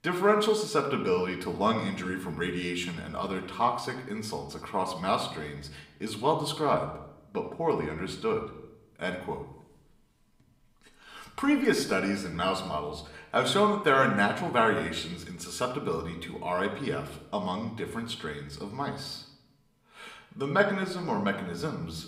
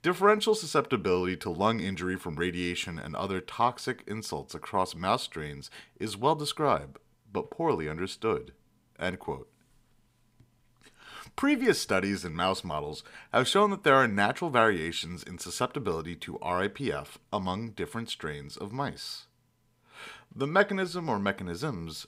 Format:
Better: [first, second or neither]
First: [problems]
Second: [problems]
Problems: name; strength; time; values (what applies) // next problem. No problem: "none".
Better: second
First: room echo; slight; dies away in 0.7 s // off-mic speech; somewhat distant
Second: none